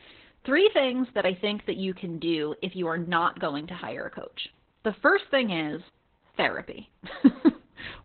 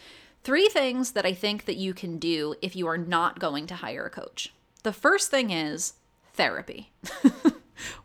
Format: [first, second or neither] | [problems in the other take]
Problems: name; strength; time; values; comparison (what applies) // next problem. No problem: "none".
second | garbled, watery; badly; nothing above 4 kHz